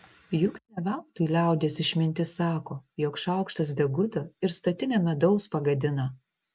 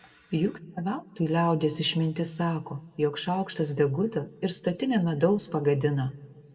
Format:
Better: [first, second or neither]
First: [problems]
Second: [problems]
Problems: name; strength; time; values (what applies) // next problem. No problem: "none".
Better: first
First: none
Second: room echo; dies away in 0.2 s